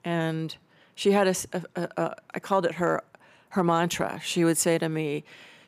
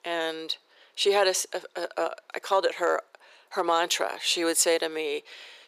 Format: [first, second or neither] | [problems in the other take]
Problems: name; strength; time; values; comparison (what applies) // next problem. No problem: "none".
first | thin; very; fading below 400 Hz